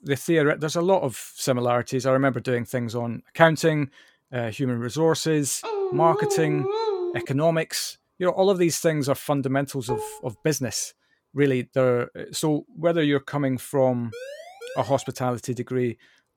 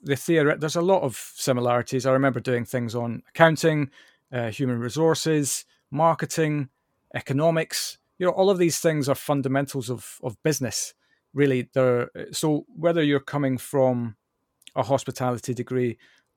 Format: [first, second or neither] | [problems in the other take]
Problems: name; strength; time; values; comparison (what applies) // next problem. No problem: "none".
second | dog barking; noticeable; from 5.5 to 7.5 s; peak 1 dB below the speech // clattering dishes; noticeable; at 10 s; peak 7 dB below the speech // siren; faint; at 14 s; peak 15 dB below the speech